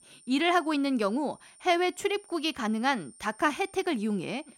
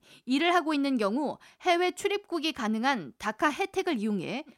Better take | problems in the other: second | high-pitched whine; faint; throughout; 9 kHz, 25 dB below the speech

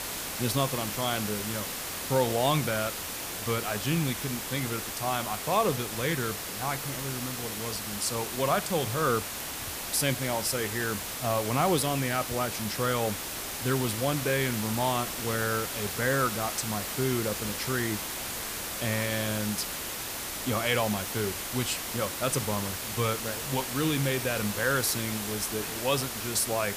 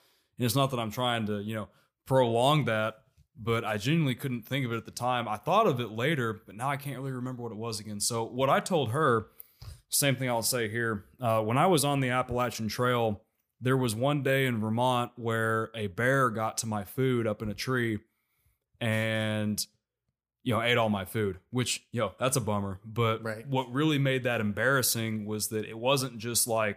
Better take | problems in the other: second | hiss; loud; throughout; 3 dB below the speech

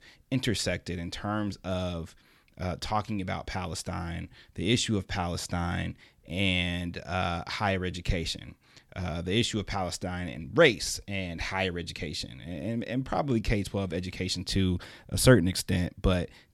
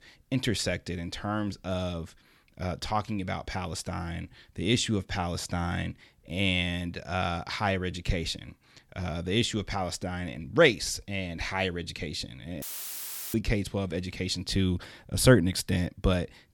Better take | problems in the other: first | audio cutting out; filled with static; at 13 s for 0.5 s

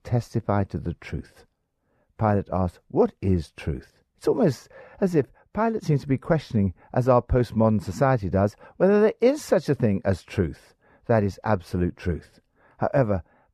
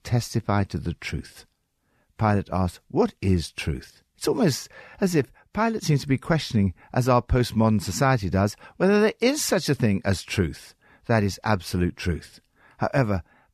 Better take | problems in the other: second | muffled; slightly; fading above 2 kHz

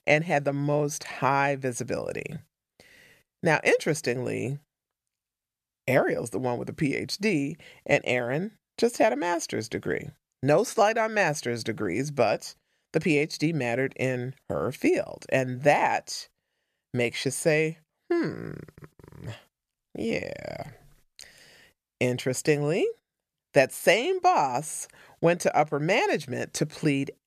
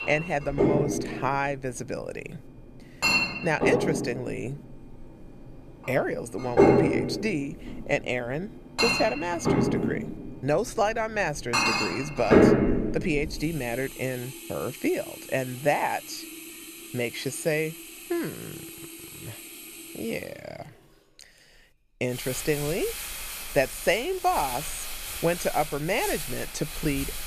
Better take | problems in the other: first | household noises; very loud; throughout; 2 dB above the speech

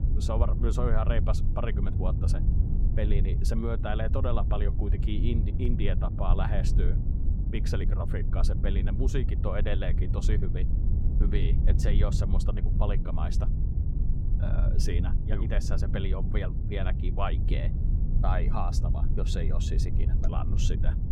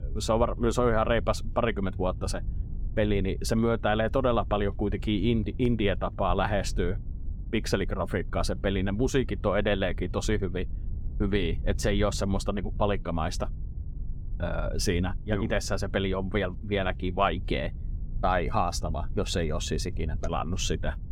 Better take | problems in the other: second | low rumble; loud; throughout; 6 dB below the speech; faint in the second

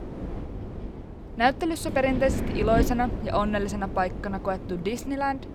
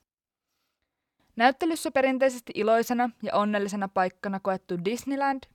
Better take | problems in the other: second | wind noise on the microphone; occasional gusts; 10 dB below the speech

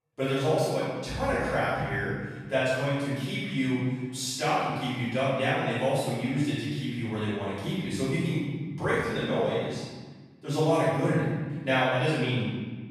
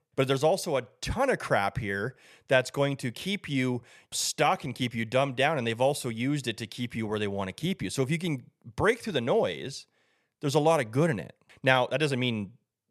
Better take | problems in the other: second | room echo; strong; dies away in 1.4 s // off-mic speech; far

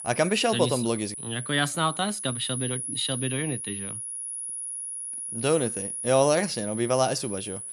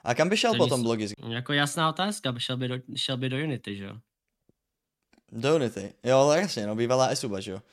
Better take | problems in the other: second | high-pitched whine; loud; throughout; 10.5 kHz, 6 dB below the speech

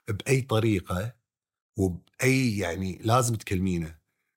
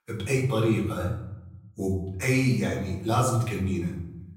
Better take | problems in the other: first | room echo; noticeable; dies away in 0.8 s // off-mic speech; far

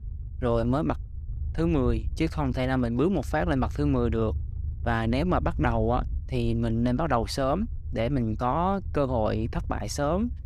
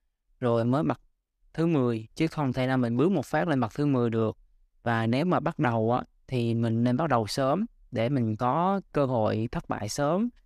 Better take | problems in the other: second | low rumble; faint; throughout; 25 dB below the speech

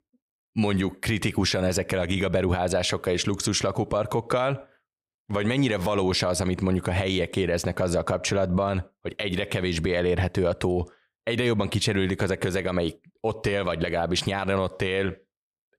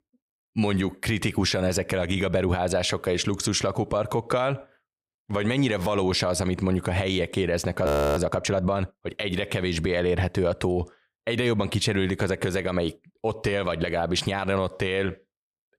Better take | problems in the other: first | audio freezing; at 8 s

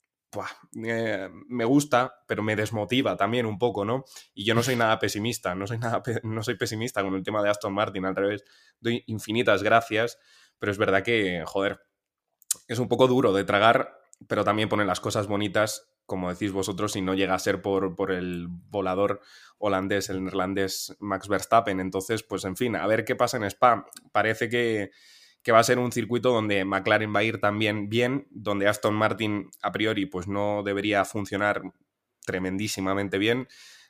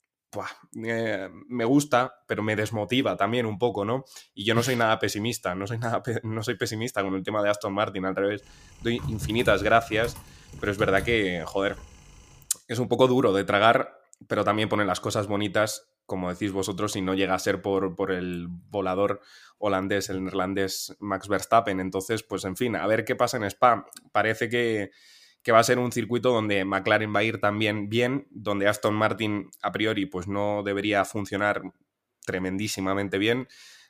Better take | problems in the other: first | keyboard typing; noticeable; from 9 to 12 s; peak 9 dB below the speech

